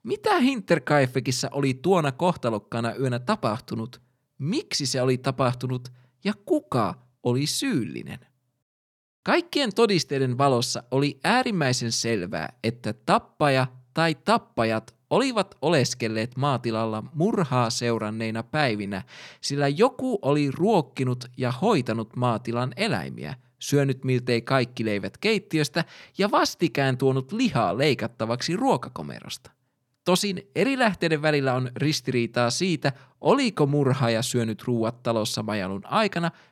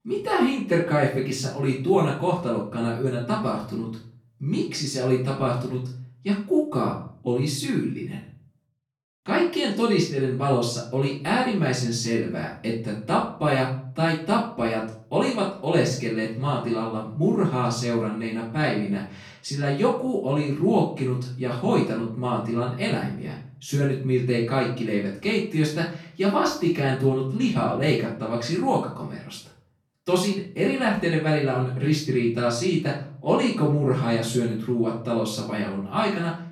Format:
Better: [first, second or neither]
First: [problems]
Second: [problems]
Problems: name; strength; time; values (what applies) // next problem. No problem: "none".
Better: first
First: none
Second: off-mic speech; far // room echo; noticeable; dies away in 0.4 s